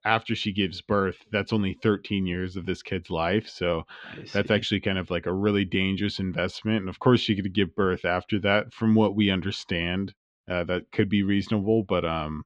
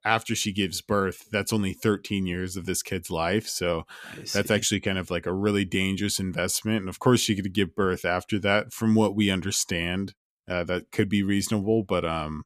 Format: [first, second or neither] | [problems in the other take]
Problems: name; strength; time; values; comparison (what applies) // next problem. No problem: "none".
second | muffled; slightly; fading above 3.5 kHz